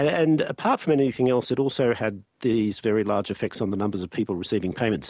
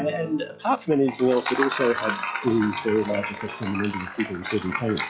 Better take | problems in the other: first | noise reduction (classical method log-MMSE)

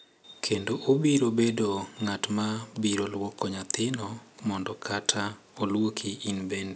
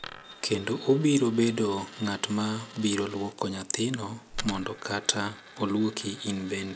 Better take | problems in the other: first | background sound (Coin (dropping)); 16 dB below the speech

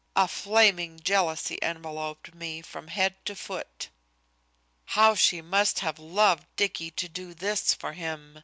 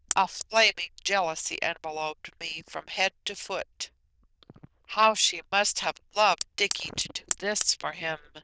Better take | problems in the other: first | noise reduction (neural diffusion model UNIVERSE++)

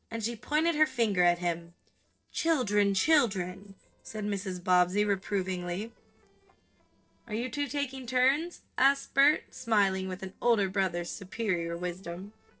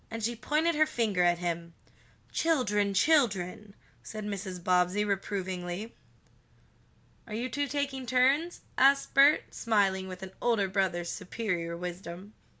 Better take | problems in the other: second | noise reduction (neural separator model SepFormer DNS4)

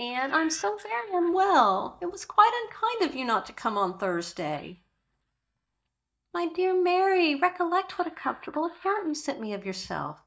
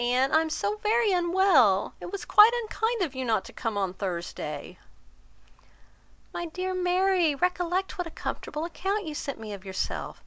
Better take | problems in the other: second | noise reduction (neural mask model DeepFilterNet 3)

